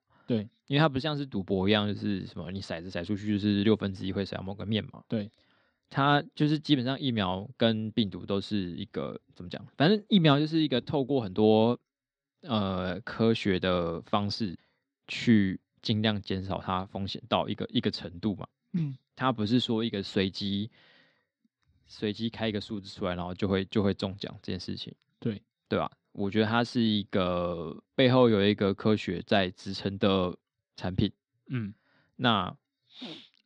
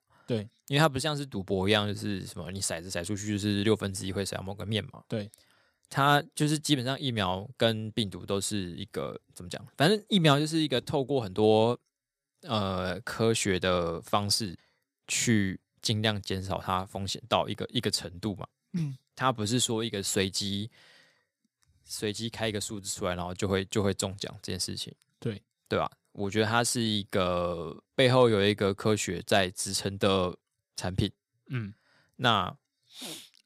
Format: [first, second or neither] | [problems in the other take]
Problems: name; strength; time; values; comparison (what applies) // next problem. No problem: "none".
second | muffled; very slightly; fading above 4 kHz